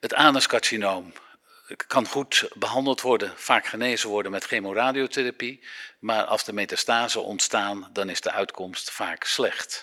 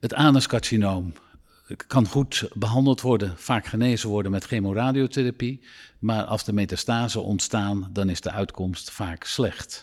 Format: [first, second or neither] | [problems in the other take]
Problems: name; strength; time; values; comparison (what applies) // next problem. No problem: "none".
second | thin; very; fading below 550 Hz